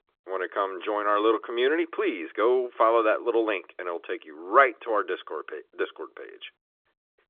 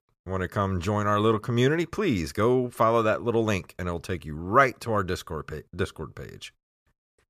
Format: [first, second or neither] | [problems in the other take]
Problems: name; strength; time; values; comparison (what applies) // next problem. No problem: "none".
second | phone-call audio; nothing above 3.5 kHz